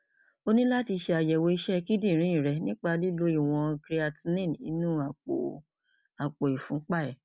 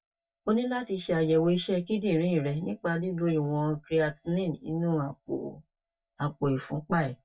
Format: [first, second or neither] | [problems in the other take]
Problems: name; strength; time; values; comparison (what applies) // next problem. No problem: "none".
first | noise reduction (neural mask model DeepFilterNet 3)